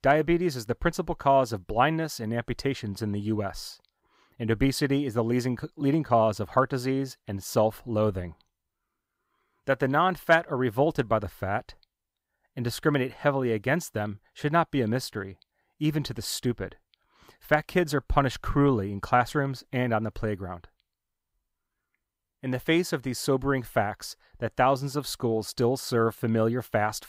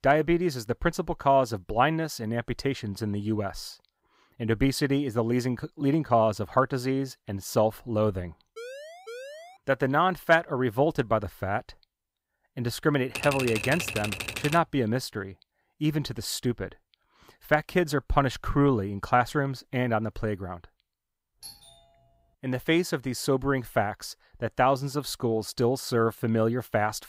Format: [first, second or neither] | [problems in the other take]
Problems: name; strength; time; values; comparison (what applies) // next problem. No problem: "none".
first | siren; faint; from 8.5 to 9.5 s; peak 15 dB below the speech // keyboard typing; noticeable; from 13 to 15 s; peak 4 dB below the speech // doorbell; faint; at 21 s; peak 15 dB below the speech